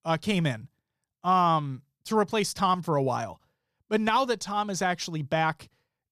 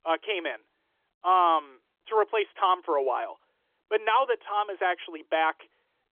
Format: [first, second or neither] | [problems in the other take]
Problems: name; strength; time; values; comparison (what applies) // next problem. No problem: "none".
first | phone-call audio; nothing above 3.5 kHz